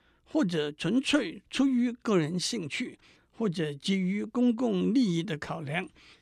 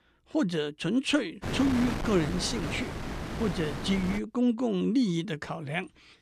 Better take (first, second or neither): first